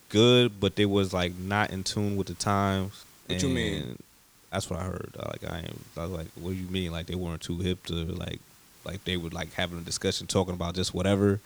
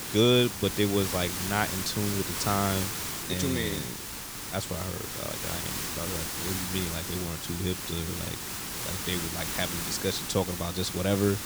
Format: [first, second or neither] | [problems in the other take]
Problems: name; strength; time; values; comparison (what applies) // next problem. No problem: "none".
first | hiss; loud; throughout; 2 dB below the speech; faint in the first